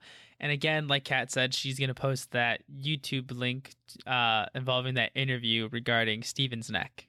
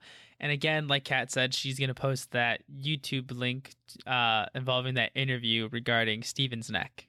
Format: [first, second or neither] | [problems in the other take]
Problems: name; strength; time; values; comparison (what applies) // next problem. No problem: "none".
neither | none